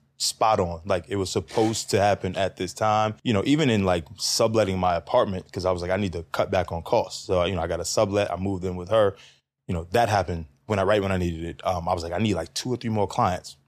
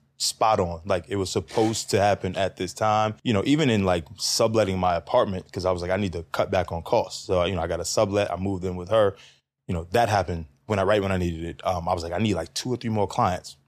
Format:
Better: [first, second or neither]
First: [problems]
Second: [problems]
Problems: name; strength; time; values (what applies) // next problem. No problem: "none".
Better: neither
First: none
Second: none